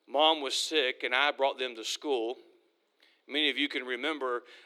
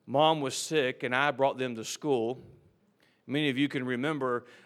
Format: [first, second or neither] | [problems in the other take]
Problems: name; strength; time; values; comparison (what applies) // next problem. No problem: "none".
second | thin; very slightly; fading below 300 Hz